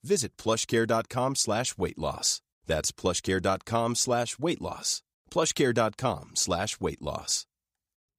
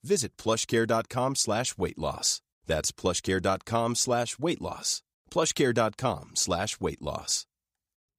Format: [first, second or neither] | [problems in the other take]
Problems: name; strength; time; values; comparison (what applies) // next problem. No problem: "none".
neither | none